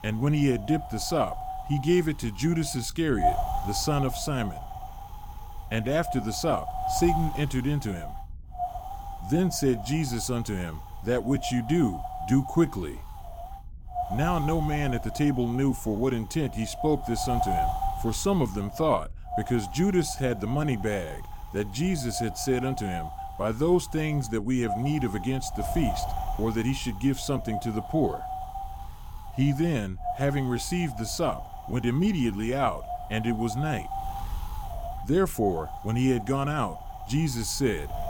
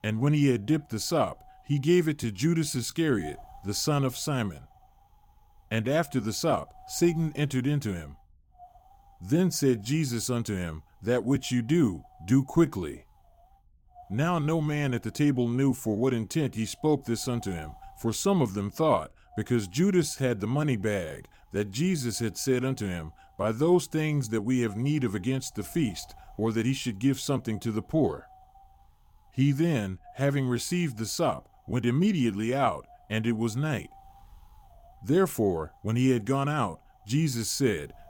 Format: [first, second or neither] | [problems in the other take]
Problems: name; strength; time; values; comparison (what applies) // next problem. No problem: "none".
second | wind noise on the microphone; heavy; 4 dB below the speech; occasional gusts in the second